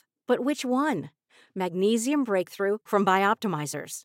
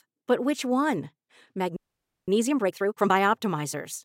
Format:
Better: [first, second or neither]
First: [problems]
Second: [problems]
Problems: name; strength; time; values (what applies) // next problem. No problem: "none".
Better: first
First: none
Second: audio freezing; at 2 s for 0.5 s